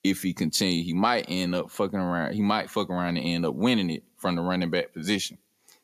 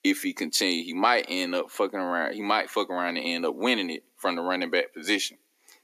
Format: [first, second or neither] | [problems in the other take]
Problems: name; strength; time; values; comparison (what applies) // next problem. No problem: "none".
first | thin; very slightly; fading below 300 Hz